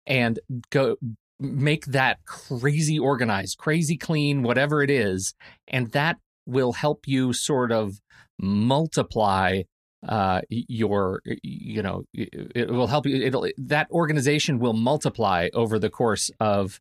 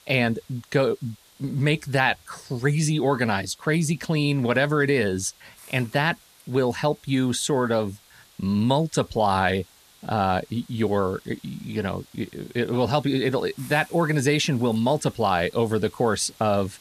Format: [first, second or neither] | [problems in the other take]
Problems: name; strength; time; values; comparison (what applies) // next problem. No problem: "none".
first | hiss; faint; throughout; 25 dB below the speech